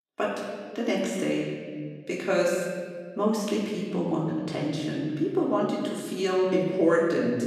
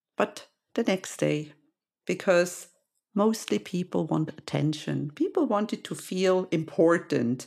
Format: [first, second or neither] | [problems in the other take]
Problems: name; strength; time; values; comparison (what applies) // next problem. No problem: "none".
second | off-mic speech; far // room echo; noticeable; dies away in 1.6 s